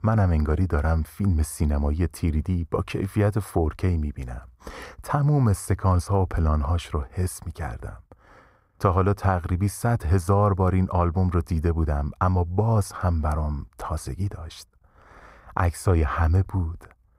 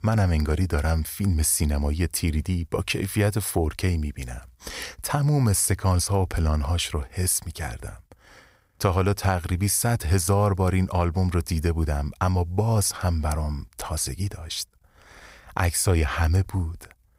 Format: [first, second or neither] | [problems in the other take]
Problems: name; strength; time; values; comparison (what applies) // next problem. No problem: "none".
second | muffled; slightly; fading above 2 kHz